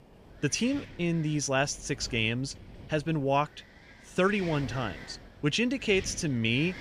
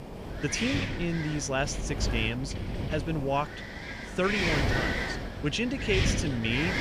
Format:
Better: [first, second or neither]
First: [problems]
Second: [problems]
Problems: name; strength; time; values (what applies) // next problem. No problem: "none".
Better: first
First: wind noise on the microphone; occasional gusts; 20 dB below the speech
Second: wind noise on the microphone; heavy; 1 dB below the speech